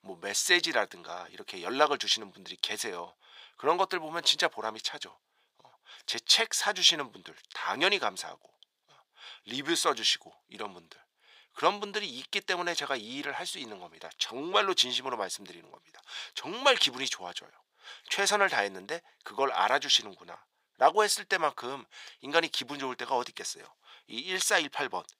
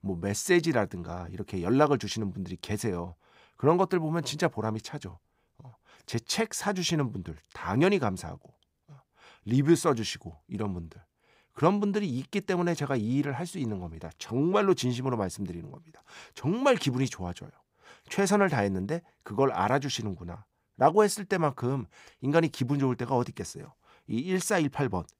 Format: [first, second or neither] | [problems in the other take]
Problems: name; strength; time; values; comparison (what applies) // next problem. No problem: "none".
second | thin; very; fading below 650 Hz